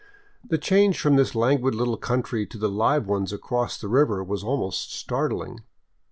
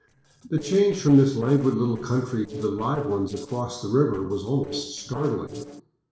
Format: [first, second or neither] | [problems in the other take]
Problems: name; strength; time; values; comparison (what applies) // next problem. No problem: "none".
first | noise reduction (neural separator model SepFormer DNS4)